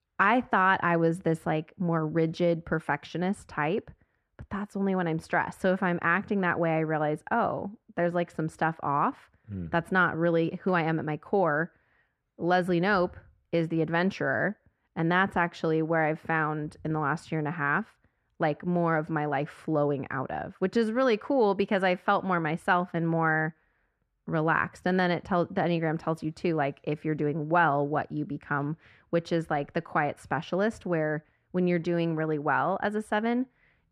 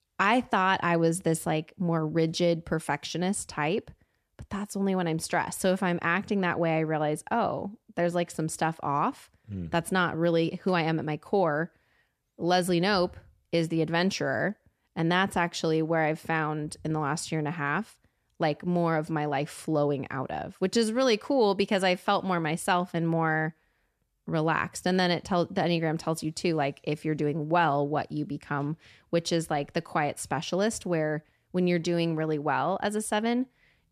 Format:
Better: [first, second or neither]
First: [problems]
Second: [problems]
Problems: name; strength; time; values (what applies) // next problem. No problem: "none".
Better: second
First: muffled; slightly; fading above 3.5 kHz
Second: none